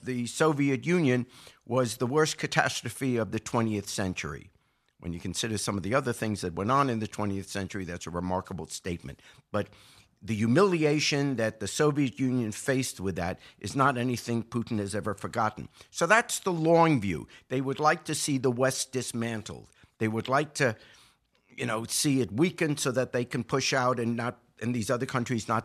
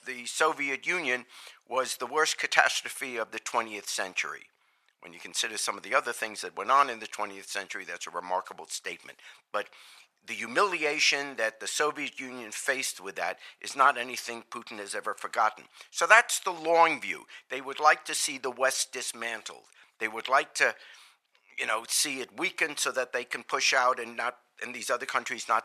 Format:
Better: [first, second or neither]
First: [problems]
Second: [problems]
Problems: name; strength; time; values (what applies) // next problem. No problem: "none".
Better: first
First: none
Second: thin; very; fading below 750 Hz